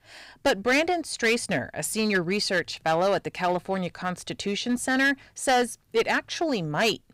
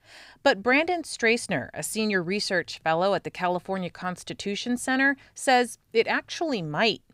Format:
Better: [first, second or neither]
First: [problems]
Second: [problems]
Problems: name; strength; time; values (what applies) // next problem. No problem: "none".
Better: second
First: distortion; slight; 6% of the sound clipped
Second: none